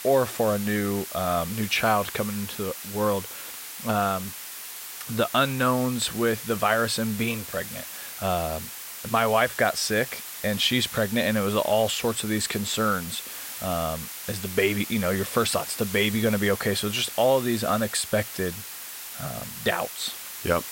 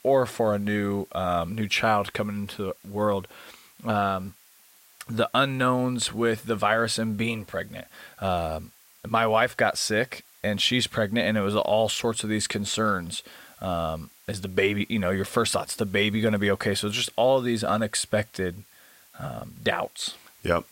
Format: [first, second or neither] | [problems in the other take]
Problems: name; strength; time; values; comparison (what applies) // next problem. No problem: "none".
second | hiss; loud; throughout; 9 dB below the speech; faint in the second